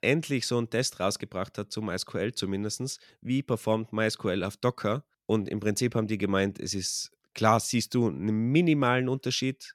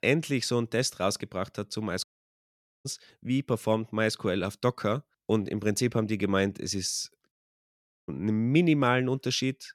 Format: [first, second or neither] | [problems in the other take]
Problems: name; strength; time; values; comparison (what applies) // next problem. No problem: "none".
first | audio cutting out; at 2 s for 1 s and at 7.5 s for 1 s